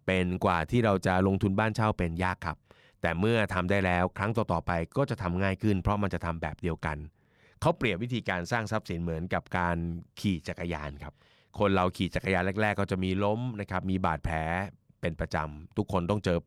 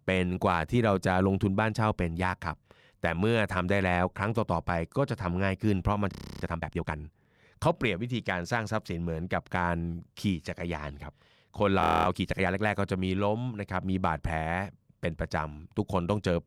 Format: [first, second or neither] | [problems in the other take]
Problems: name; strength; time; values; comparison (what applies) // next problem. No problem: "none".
first | audio freezing; at 6 s and at 12 s